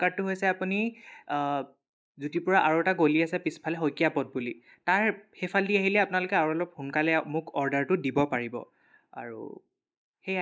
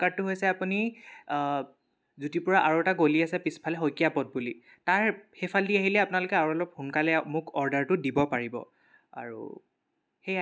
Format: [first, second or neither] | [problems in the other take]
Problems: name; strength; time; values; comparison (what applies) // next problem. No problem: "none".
second | noise reduction (neural mask model Resemble Enhance denoiser)